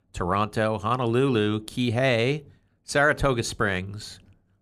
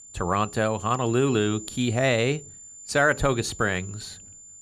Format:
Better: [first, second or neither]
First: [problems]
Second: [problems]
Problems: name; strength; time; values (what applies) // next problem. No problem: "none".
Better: first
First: none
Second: high-pitched whine; noticeable; throughout; 7 kHz, 15 dB below the speech